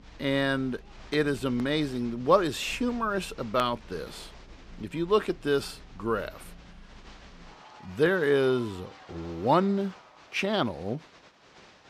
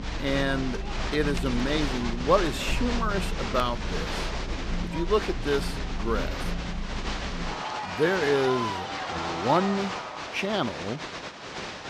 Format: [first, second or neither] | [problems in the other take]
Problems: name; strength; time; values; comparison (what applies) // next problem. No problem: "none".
first | crowd noise; loud; throughout; 4 dB below the speech; faint in the first